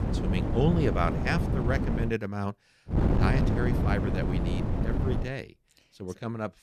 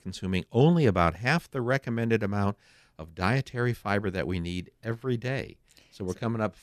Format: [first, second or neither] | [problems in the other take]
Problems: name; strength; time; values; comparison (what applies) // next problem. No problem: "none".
second | wind noise on the microphone; heavy; until 2 s and from 3 to 5 s; 2 dB below the speech